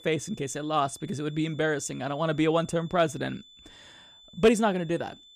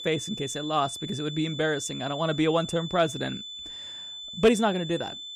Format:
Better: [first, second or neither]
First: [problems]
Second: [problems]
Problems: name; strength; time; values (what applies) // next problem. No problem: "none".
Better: first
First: high-pitched whine; faint; throughout; 3.5 kHz, 25 dB below the speech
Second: high-pitched whine; loud; throughout; 3.5 kHz, 9 dB below the speech